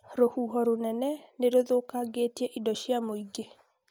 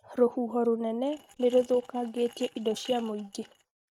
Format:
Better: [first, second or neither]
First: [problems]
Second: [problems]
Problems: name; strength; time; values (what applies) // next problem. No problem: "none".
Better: first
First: none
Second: noise reduction (neural mask model RNNoise)